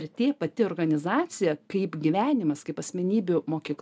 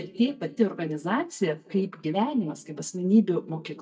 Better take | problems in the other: first | noise reduction (neural mask model DeepFilterNet 3)

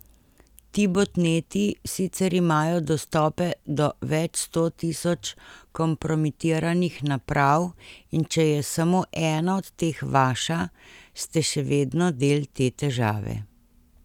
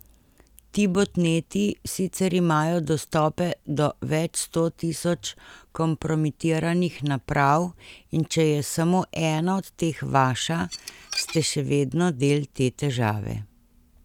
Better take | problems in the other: first | background sound (Dishes, pots, and pans / Glass); 11 dB below the speech

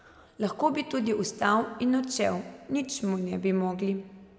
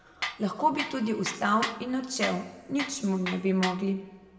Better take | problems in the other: first | background sound (Tools); 9 dB below the speech // room echo; dies away in 0.7 s

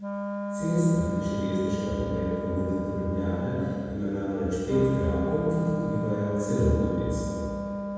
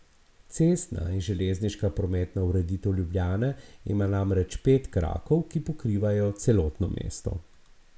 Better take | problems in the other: second | background sound (Wind instrument, woodwind instrument); 5 dB below the speech // room echo; dies away in 2.1 s

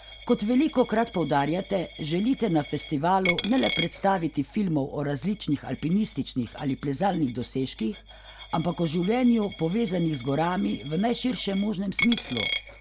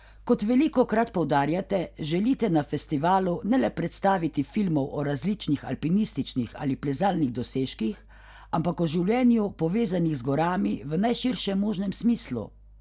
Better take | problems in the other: second | background sound (Coin (dropping)); 12 dB below the speech

